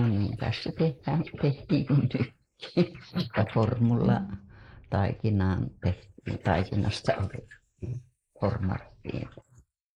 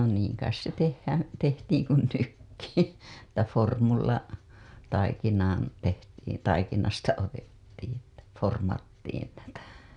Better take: second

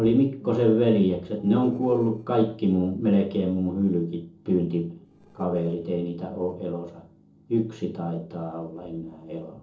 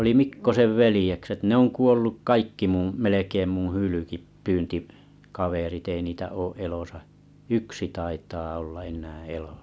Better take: second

